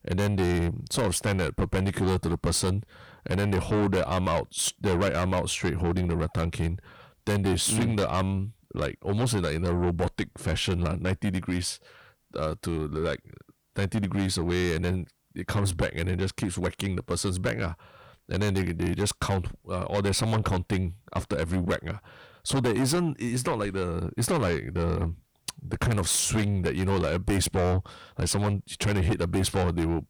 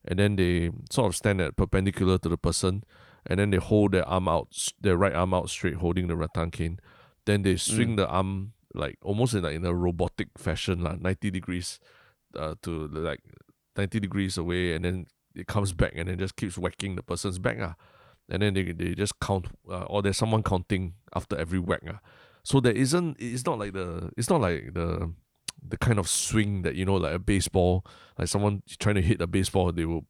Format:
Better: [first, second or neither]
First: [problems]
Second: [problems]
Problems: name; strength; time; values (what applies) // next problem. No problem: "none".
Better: second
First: distortion; heavy; 6 dB below the speech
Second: none